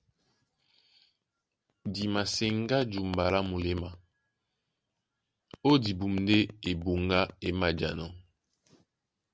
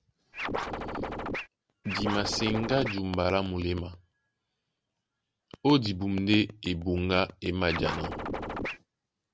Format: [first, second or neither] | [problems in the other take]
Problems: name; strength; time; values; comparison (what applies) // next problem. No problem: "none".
first | background sound (Scratching (performance technique)); 3 dB below the speech